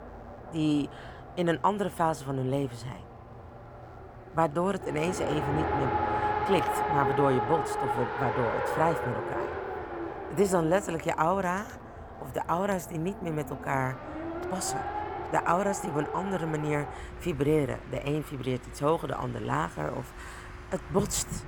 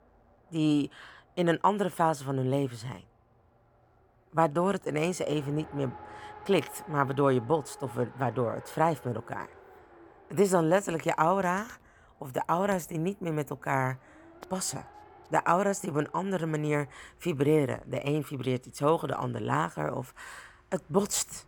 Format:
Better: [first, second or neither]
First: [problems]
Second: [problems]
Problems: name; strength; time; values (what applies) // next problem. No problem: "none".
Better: second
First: traffic noise; loud; throughout; 4 dB below the speech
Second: traffic noise; faint; throughout; 20 dB below the speech